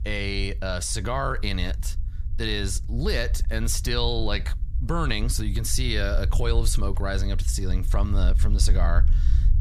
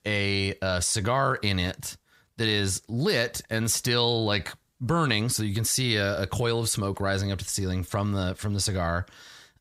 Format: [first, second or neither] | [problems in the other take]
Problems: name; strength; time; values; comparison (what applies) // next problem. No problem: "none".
second | low rumble; noticeable; throughout; 20 dB below the speech